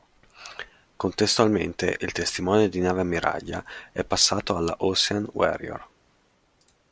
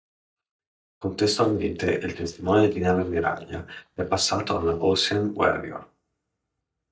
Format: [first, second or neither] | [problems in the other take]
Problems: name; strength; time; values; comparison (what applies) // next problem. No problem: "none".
first | noise reduction (neural mask model DeepFilterNet 3)